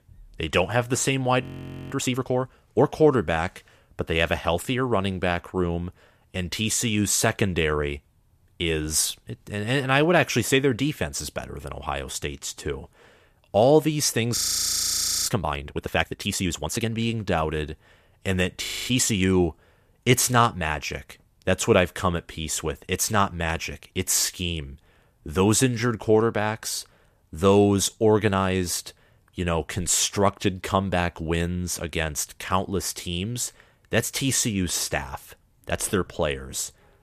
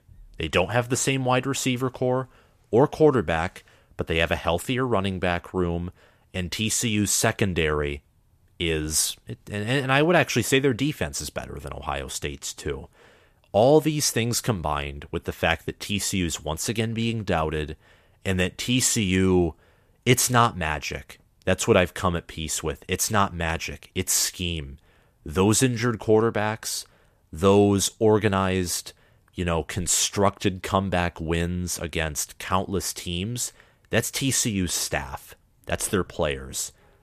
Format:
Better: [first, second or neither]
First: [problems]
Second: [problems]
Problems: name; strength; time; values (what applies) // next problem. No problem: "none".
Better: second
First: audio freezing; at 1.5 s, at 14 s for 1 s and at 19 s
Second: none